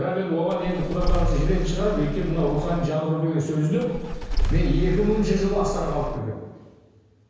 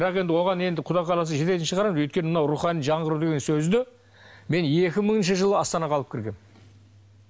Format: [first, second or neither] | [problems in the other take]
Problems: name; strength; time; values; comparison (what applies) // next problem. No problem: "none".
second | background sound (Engine starting / Car); 1 dB below the speech // room echo; dies away in 1.2 s